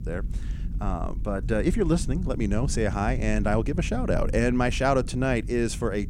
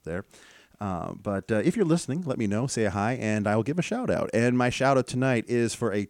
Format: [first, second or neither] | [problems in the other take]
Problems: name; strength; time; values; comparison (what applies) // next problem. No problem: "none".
second | low rumble; noticeable; throughout; 20 dB below the speech